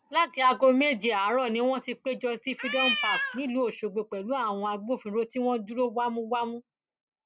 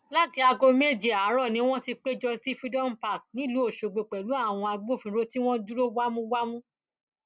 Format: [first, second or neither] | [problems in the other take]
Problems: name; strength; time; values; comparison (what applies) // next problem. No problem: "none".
second | background sound (Cat); 1 dB below the speech